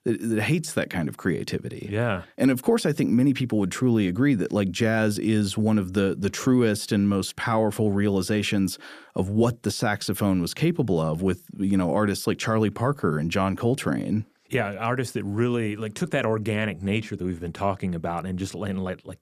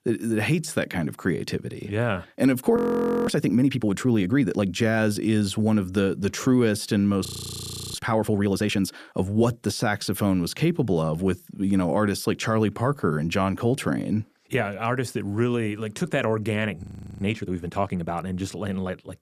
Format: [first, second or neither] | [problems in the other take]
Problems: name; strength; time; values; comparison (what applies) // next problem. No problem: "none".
first | audio freezing; at 3 s for 0.5 s, at 7.5 s for 0.5 s and at 17 s